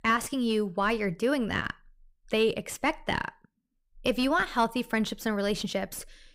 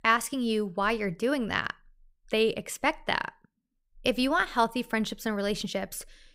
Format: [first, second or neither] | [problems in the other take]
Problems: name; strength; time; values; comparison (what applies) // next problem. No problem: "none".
second | distortion; slight; 10 dB below the speech